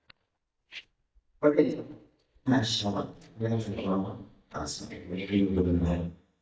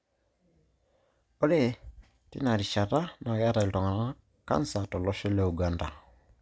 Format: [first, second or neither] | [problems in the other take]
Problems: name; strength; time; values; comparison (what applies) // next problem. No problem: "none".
second | noise reduction (neural mask model DeepFilterNet 3)